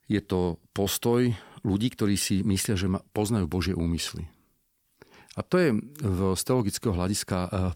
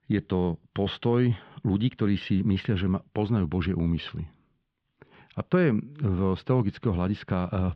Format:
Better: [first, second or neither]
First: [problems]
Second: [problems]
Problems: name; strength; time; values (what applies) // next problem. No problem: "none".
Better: first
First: none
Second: muffled; very; fading above 3.5 kHz